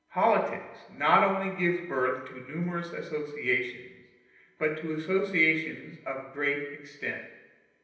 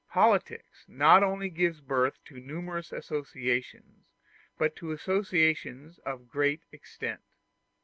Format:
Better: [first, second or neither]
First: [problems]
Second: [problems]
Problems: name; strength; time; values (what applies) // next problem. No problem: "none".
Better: second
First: room echo; dies away in 0.9 s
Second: none